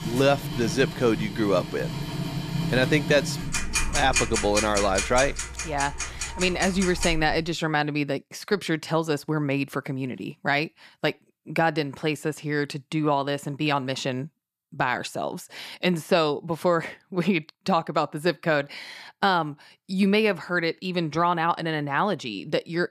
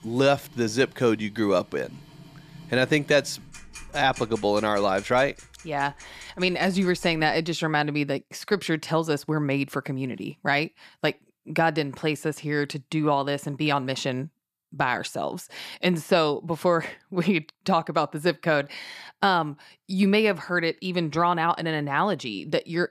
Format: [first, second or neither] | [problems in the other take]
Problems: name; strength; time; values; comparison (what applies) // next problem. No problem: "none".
second | household noises; loud; until 7.5 s; 4 dB below the speech; faint in the second